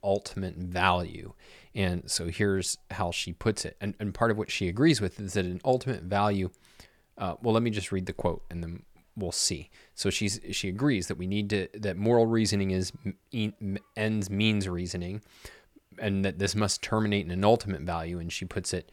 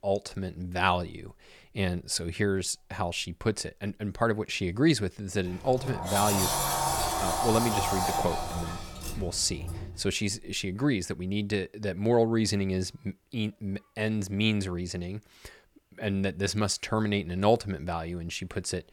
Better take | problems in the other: first | door banging; loud; from 5.5 to 10 s; peak 3 dB above the speech

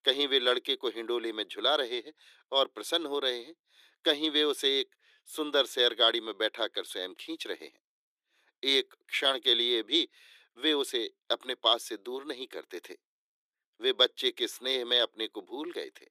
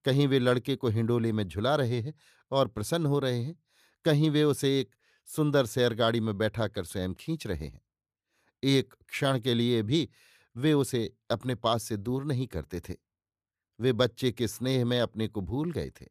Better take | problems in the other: second | thin; very; fading below 350 Hz

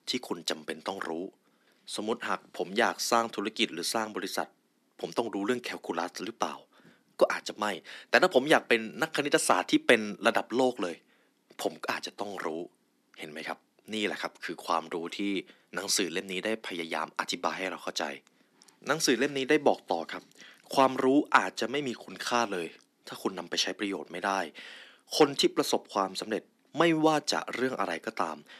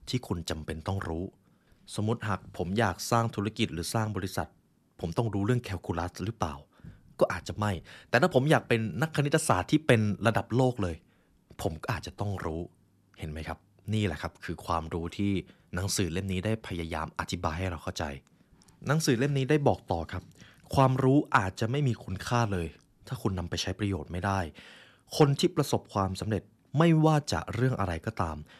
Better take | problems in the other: second | thin; somewhat; fading below 250 Hz

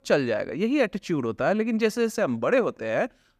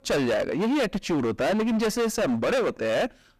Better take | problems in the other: first | distortion; heavy; 31% of the sound clipped

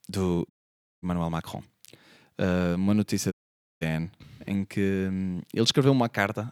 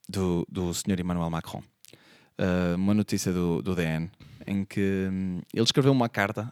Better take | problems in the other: second | audio cutting out; at 0.5 s for 0.5 s and at 3.5 s

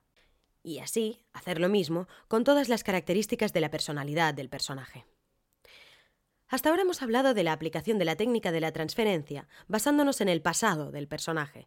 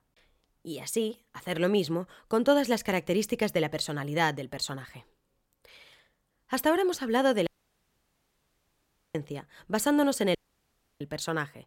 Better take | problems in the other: first | audio cutting out; at 7.5 s for 1.5 s and at 10 s for 0.5 s

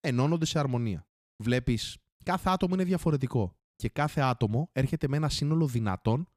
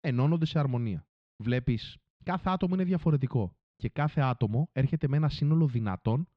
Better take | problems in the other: first | muffled; very slightly; fading above 4 kHz

